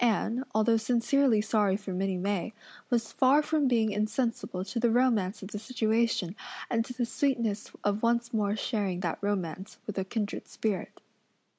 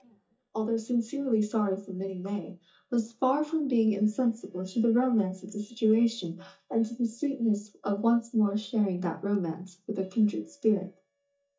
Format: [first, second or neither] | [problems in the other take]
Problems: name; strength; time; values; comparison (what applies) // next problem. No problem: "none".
first | noise reduction (neural mask model DeepFilterNet 3)